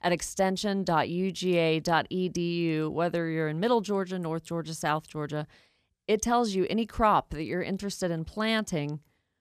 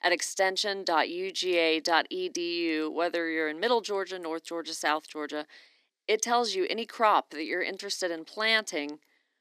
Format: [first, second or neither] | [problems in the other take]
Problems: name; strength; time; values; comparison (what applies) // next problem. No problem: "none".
first | thin; somewhat; fading below 300 Hz